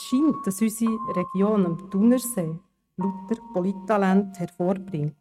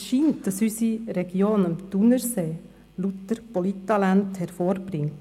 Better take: second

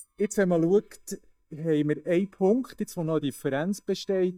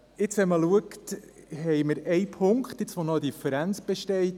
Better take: second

